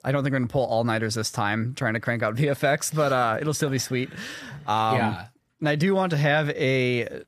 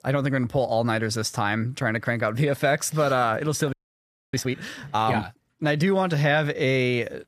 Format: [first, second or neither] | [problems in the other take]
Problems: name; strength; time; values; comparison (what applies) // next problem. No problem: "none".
first | audio freezing; at 3.5 s for 0.5 s